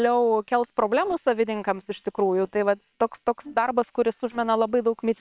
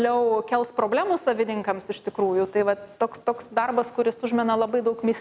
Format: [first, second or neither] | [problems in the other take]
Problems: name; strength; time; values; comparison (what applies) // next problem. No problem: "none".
second | noise reduction (neural separator model SepFormer WHAM!)